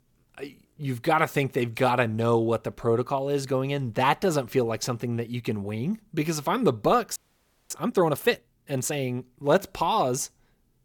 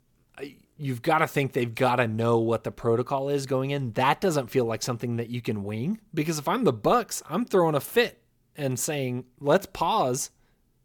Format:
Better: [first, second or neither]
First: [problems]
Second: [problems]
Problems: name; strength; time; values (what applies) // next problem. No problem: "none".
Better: second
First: audio freezing; at 7 s for 0.5 s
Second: none